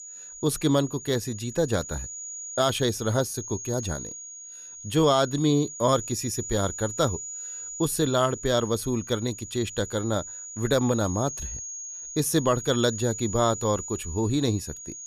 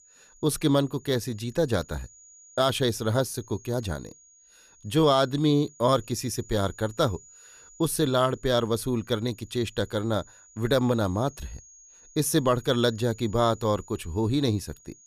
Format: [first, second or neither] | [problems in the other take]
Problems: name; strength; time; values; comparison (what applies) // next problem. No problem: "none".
second | high-pitched whine; loud; throughout; 7 kHz, 10 dB below the speech; faint in the second